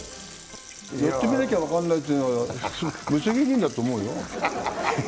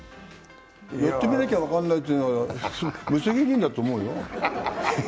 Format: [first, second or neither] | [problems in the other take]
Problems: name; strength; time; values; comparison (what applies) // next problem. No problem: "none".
second | background sound (Water tap, faucet); 19 dB below the speech